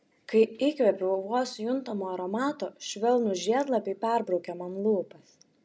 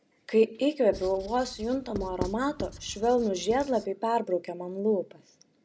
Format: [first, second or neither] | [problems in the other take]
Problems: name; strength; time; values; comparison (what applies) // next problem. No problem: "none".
first | background sound (Writing); 13 dB below the speech